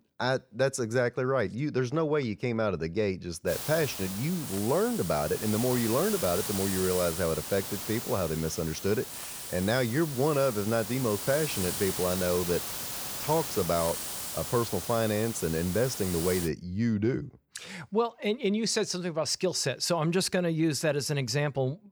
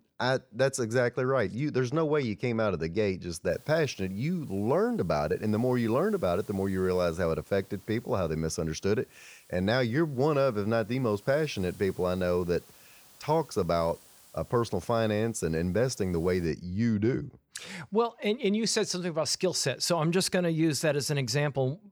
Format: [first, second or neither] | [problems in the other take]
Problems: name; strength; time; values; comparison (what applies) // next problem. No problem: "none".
second | hiss; loud; from 3.5 to 16 s; 5 dB below the speech; faint in the second